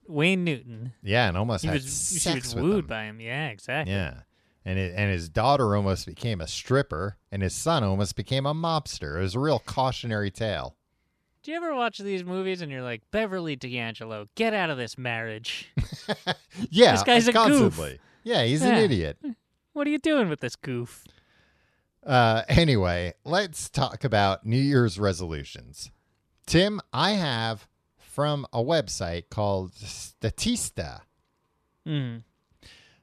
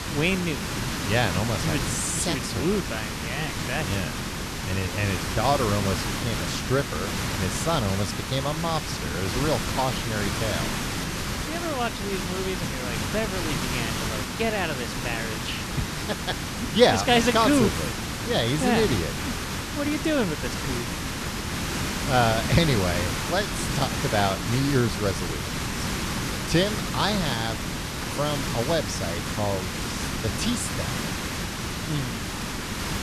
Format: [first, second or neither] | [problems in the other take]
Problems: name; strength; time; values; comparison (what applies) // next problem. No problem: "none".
first | hiss; loud; throughout; 2 dB below the speech